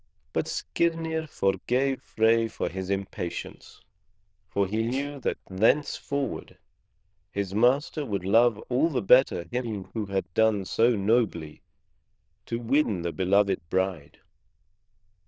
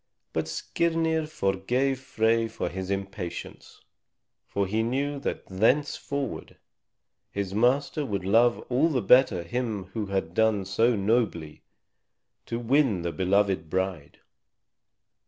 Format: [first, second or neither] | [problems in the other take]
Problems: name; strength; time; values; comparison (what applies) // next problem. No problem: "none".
second | noise reduction (neural diffusion model UNIVERSE++)